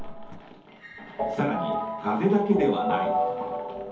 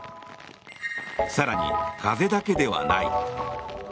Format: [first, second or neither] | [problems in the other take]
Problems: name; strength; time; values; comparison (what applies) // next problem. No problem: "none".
second | background sound (Cricket); 19 dB below the speech // room echo; dies away in 0.6 s